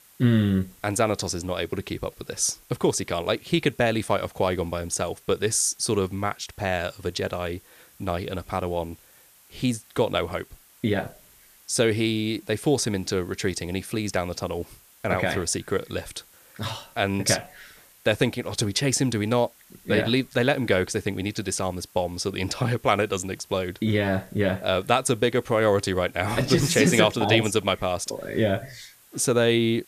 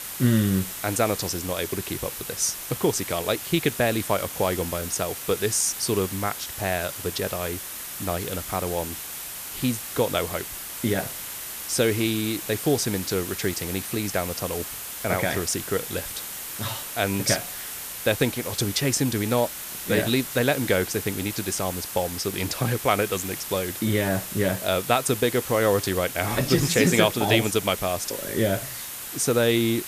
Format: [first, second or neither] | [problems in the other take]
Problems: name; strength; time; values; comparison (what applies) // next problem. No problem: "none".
first | hiss; loud; throughout; 7 dB below the speech; faint in the first